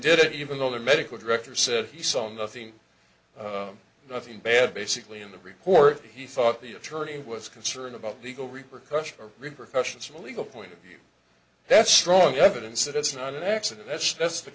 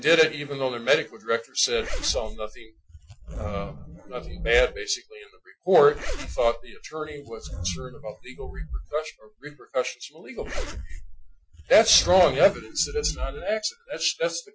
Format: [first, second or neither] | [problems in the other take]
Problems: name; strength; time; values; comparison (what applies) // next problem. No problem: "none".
first | noise reduction (classical method Wiener filter)